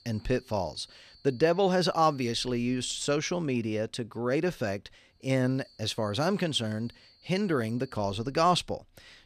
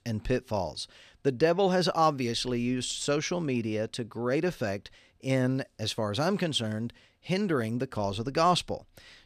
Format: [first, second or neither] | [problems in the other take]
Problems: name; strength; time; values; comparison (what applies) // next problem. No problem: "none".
second | high-pitched whine; faint; until 3 s and from 5.5 to 8.5 s; 4.5 kHz, 25 dB below the speech